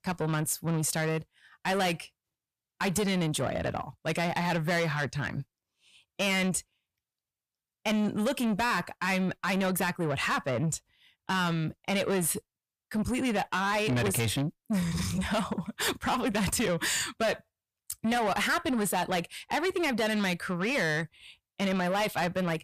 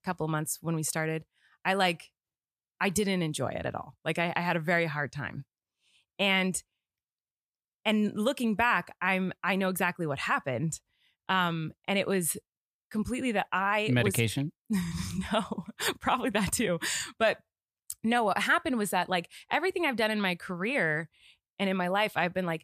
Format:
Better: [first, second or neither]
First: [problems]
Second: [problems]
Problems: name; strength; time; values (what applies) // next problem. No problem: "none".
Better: second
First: distortion; heavy; 7 dB below the speech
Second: none